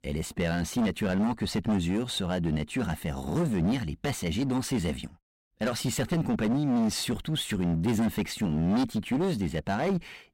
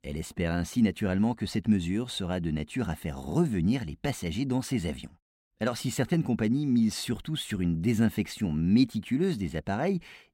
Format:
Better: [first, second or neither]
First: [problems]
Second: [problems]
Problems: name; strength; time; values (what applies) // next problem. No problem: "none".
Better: second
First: distortion; heavy; 19% of the sound clipped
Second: none